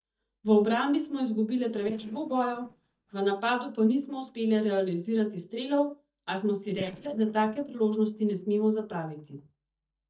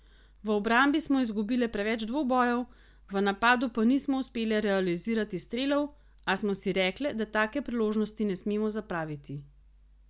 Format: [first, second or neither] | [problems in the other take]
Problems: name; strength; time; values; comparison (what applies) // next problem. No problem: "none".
second | noise reduction (neural mask model DeepFilterNet 3)